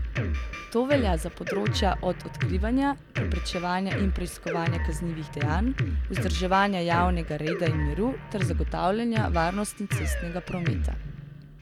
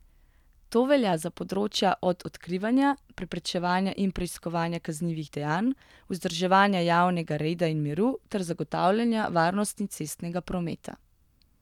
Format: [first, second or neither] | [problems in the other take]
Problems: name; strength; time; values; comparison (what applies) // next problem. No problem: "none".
second | background sound (Drum kit); 1 dB below the speech